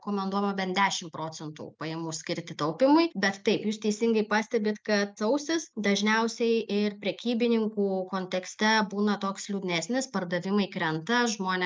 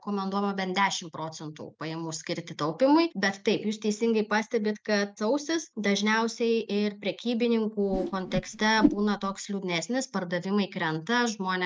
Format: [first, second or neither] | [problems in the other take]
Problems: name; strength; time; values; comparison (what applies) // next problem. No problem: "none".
first | noise reduction (neural mask model RNNoise)